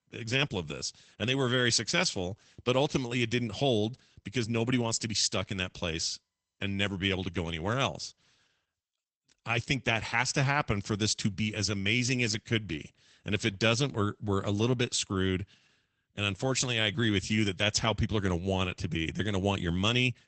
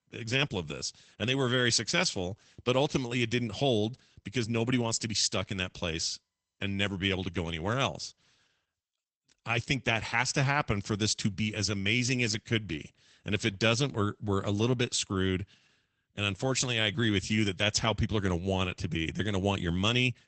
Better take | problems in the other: neither | garbled, watery; badly; nothing above 8 kHz; the same in both

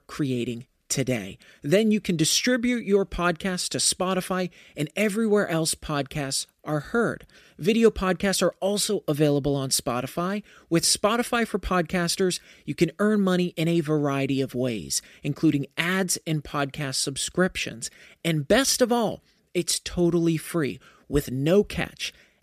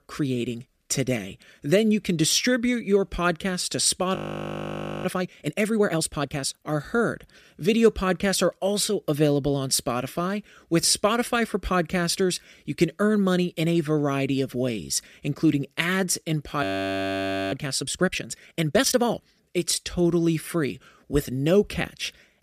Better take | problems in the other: first | audio freezing; at 4 s for 1 s and at 17 s for 1 s

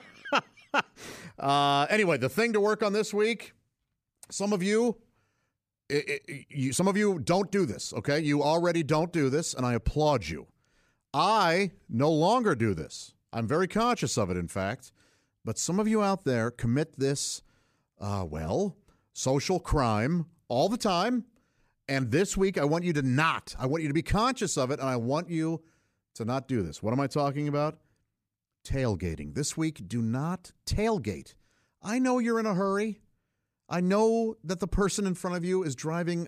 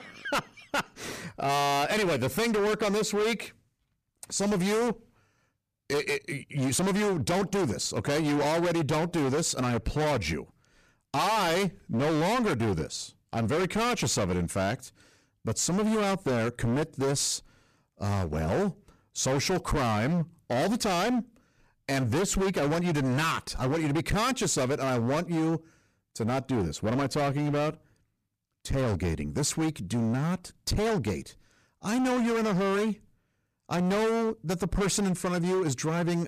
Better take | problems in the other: first | distortion; heavy; 25% of the sound clipped

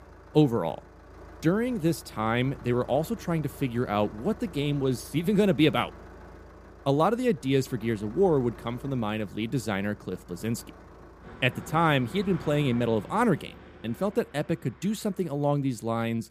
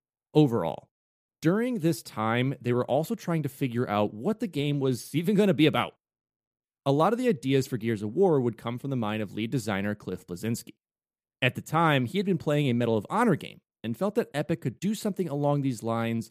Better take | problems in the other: second | traffic noise; noticeable; throughout; 20 dB below the speech

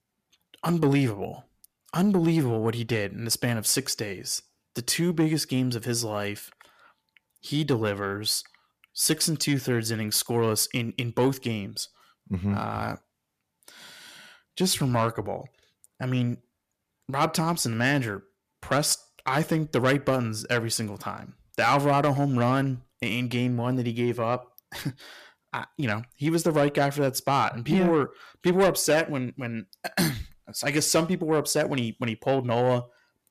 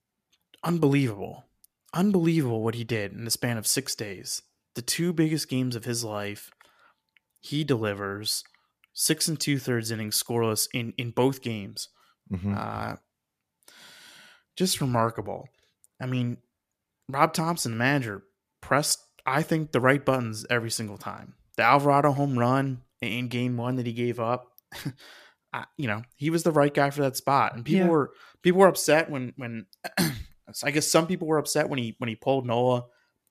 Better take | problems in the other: second | distortion; slight; 10 dB below the speech

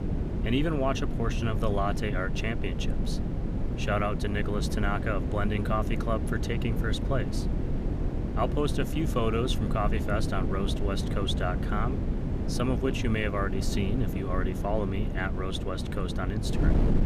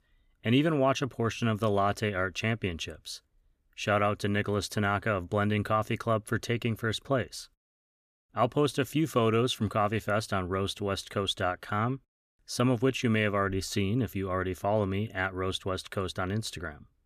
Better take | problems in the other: second | wind noise on the microphone; heavy; 7 dB below the speech

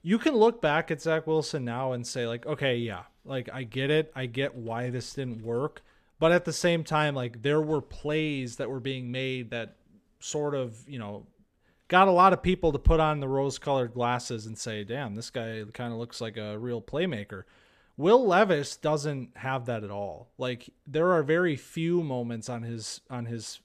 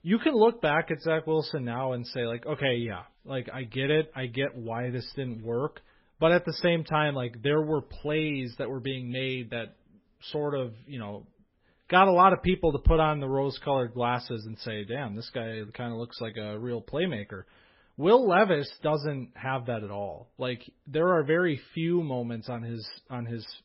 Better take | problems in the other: first | garbled, watery; badly; nothing above 5.5 kHz

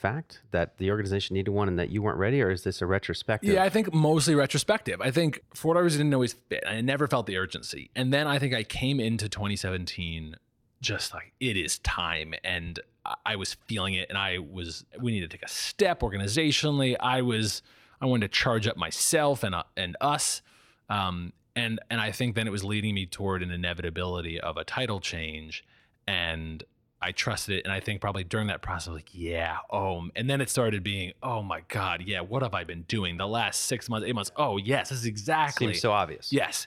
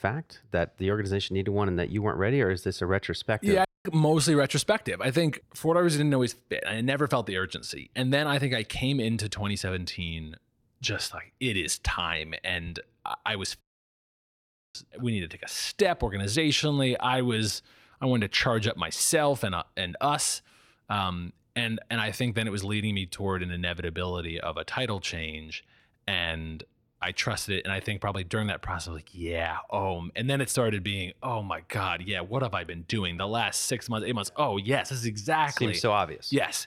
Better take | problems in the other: first | audio cutting out; at 3.5 s and at 14 s for 1 s

